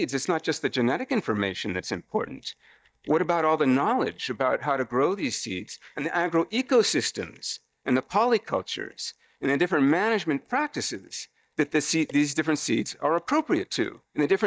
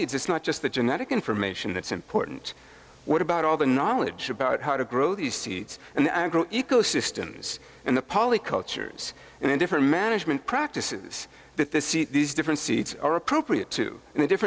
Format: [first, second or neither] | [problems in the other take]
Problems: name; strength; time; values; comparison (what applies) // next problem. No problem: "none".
second | noise reduction (neural mask model DeepFilterNet 3)